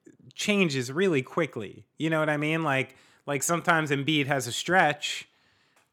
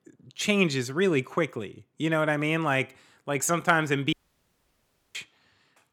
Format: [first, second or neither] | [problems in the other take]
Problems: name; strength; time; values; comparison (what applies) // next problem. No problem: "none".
first | audio cutting out; at 4 s for 1 s